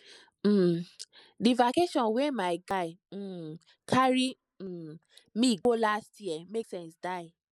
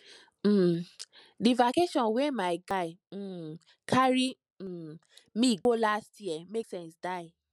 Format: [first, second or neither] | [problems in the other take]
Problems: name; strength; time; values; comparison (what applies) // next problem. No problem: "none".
second | noise reduction (neural mask model Resemble Enhance denoiser)